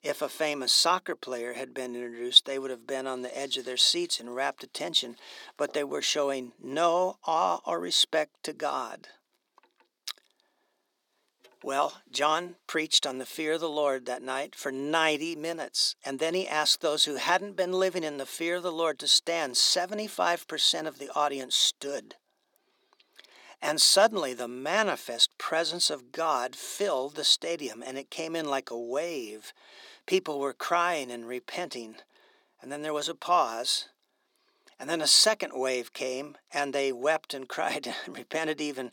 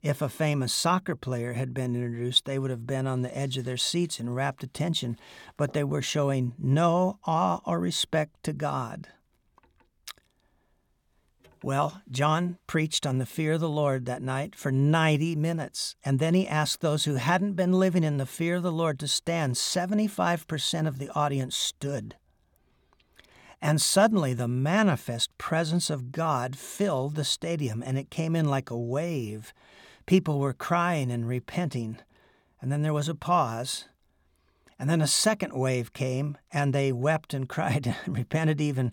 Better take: second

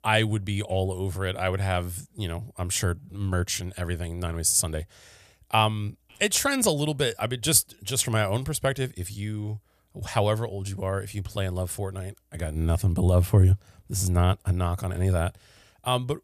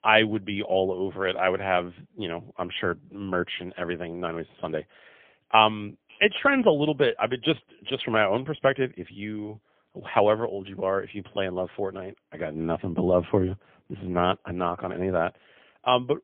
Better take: first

